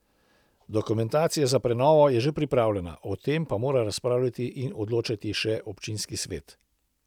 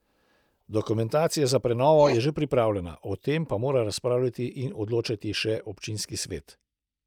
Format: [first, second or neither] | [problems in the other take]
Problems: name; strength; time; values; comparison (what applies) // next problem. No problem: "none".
first | noise reduction (neural mask model DeepFilterNet 3)